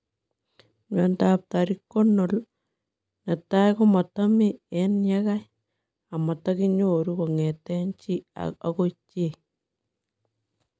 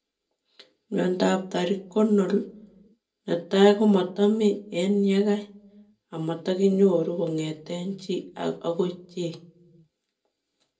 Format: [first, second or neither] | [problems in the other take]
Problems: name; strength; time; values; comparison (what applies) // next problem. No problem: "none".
first | room echo; dies away in 0.2 s